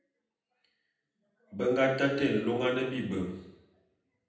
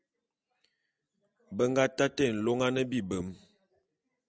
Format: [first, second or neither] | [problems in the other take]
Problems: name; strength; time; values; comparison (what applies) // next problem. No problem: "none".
second | room echo; dies away in 0.8 s